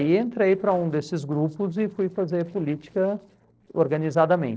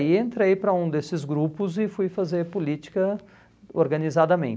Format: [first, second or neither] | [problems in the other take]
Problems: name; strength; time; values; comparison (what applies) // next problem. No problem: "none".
second | noise reduction (neural separator model SepFormer DNS4)